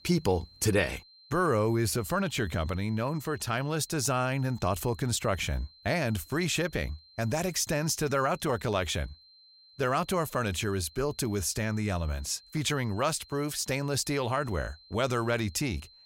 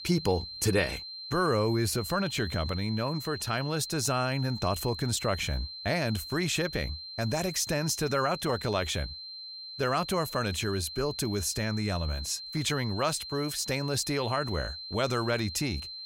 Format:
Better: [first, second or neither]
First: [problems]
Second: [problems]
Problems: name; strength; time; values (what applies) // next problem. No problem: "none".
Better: first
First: high-pitched whine; faint; throughout; 4 kHz, 25 dB below the speech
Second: high-pitched whine; loud; throughout; 4 kHz, 9 dB below the speech